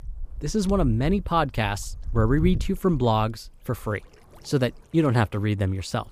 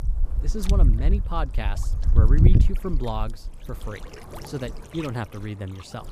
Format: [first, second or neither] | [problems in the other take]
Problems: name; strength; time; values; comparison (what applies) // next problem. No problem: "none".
first | wind noise on the microphone; heavy; 5 dB below the speech; occasional gusts in the first